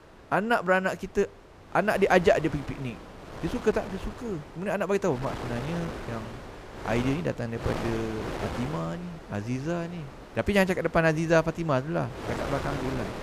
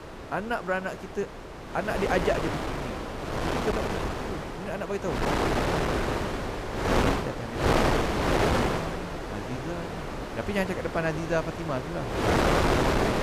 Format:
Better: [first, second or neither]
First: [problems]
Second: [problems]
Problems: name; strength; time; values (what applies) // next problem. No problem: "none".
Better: first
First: wind noise on the microphone; occasional gusts; 10 dB below the speech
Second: wind noise on the microphone; heavy; 4 dB above the speech